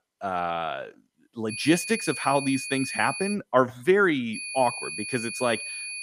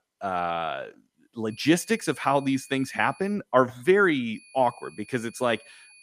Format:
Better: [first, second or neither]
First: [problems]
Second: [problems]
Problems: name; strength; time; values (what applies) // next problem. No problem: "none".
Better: second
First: high-pitched whine; loud; from 1.5 to 3.5 s and from 4.5 s on; 2.5 kHz, 7 dB below the speech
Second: high-pitched whine; faint; from 1.5 to 3.5 s and from 4.5 s on; 2.5 kHz, 25 dB below the speech